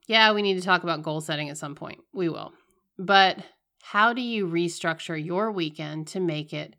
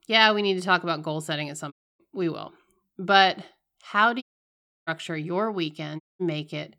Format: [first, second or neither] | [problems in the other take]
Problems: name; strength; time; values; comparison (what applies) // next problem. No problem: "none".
first | audio cutting out; at 1.5 s, at 4 s for 0.5 s and at 6 s